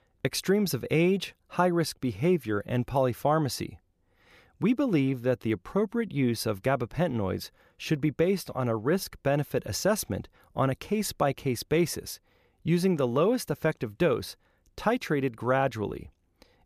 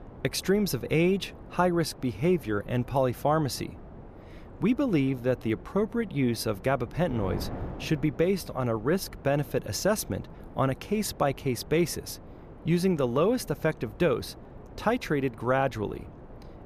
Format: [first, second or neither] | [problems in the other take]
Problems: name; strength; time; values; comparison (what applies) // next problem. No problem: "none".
first | wind noise on the microphone; occasional gusts; 20 dB below the speech